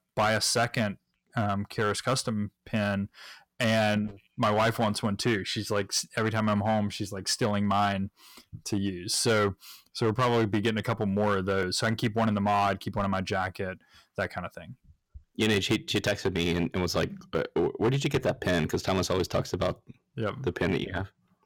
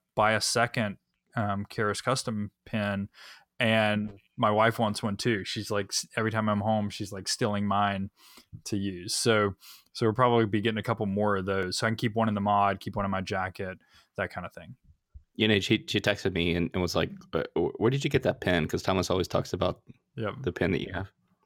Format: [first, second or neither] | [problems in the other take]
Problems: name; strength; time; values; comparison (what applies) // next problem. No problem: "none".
second | distortion; slight; 5% of the sound clipped